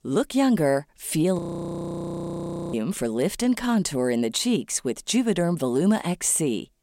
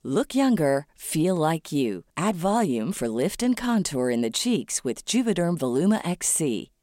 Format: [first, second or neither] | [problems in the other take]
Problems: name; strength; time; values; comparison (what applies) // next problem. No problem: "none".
second | audio freezing; at 1.5 s for 1.5 s